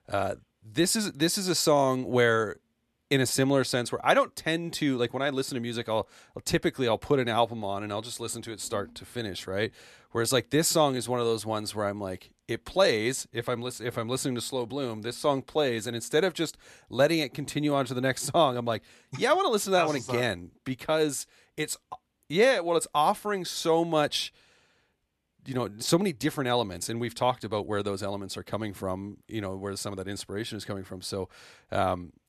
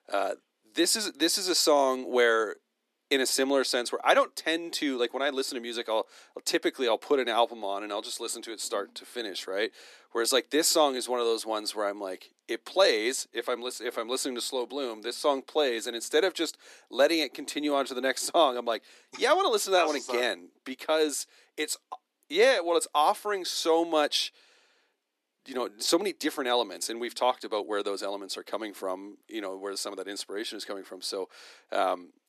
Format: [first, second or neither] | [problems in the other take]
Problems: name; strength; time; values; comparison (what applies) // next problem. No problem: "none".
first | thin; very slightly; fading below 300 Hz